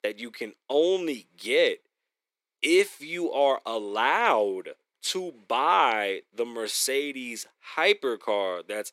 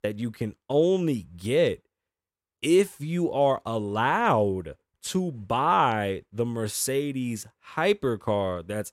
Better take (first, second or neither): second